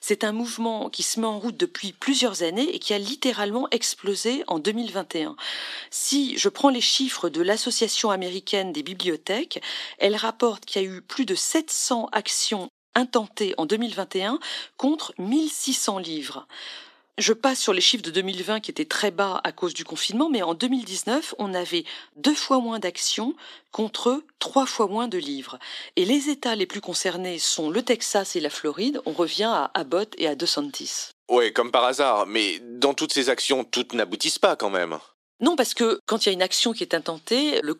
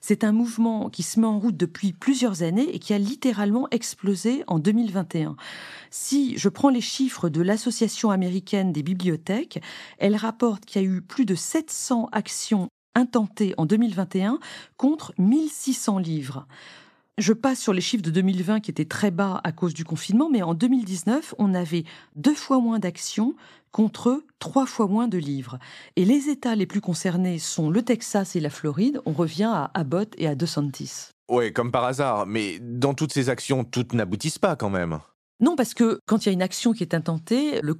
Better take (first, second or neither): second